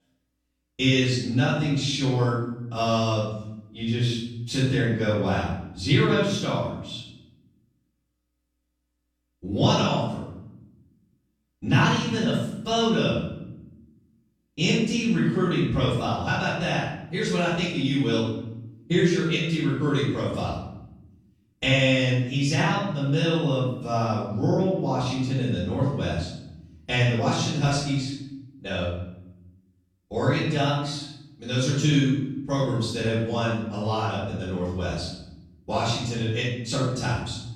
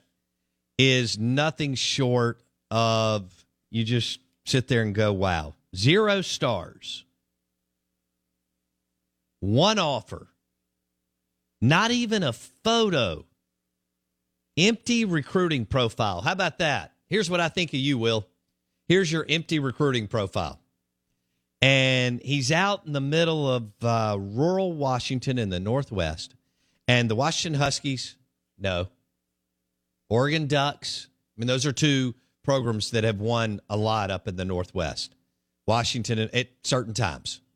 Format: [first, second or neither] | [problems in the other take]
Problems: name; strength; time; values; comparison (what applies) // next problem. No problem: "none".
second | room echo; strong; dies away in 0.9 s // off-mic speech; far